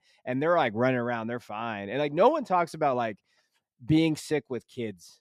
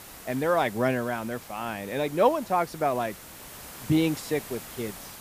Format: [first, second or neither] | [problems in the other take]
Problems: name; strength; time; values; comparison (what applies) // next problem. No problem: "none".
first | hiss; noticeable; throughout; 15 dB below the speech